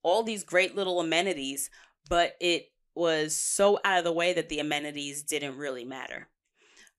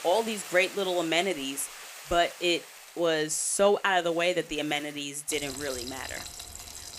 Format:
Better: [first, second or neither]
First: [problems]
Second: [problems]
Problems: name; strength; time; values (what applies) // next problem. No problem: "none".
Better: first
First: none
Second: household noises; noticeable; throughout; 15 dB below the speech